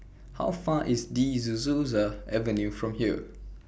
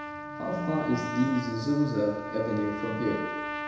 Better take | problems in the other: first | background sound (Trumpet); 6 dB below the speech // room echo; dies away in 1 s

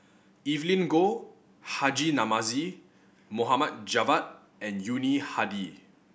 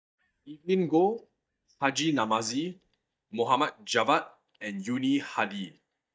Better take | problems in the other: first | noise reduction (neural mask model DeepFilterNet 3)

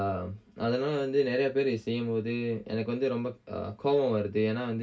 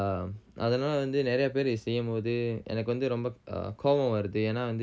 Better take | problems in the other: second | room echo; dies away in 0.2 s

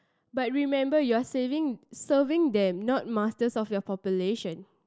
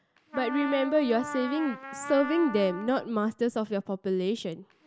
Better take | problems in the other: first | background sound (Trumpet); 12 dB below the speech

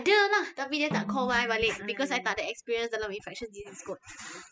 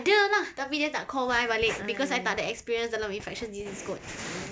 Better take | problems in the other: second | noise reduction (classical method spectral subtraction)

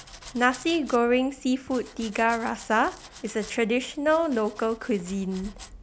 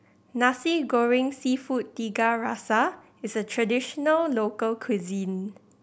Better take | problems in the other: second | background sound (Domestic sounds, home sounds); 20 dB below the speech

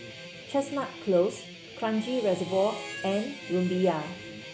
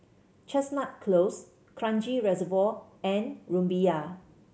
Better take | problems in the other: second | background sound (Harmonica + Guitar); 12 dB below the speech

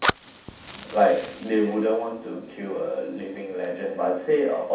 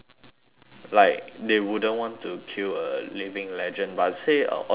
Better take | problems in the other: second | background sound (Fire); 10 dB below the speech // room echo; dies away in 0.7 s

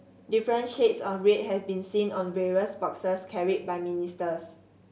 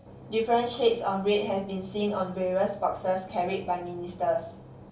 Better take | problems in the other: first | background sound (Engine / Boat, Water vehicle); 19 dB below the speech // room echo; dies away in 0.2 s

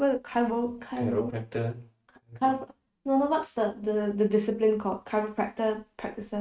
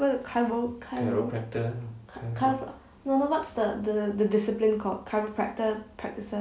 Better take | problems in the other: second | noise reduction (neural mask model RNNoise)

